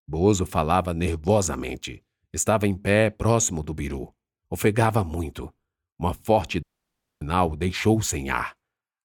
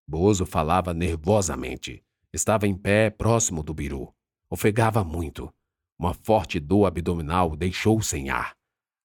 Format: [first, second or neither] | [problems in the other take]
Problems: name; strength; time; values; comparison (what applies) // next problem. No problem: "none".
second | audio cutting out; at 6.5 s for 0.5 s